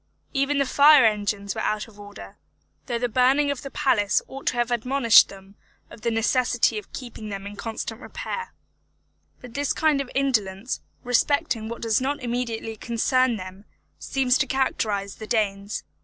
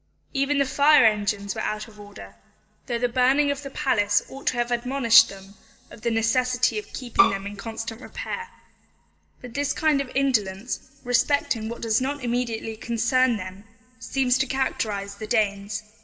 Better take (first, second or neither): first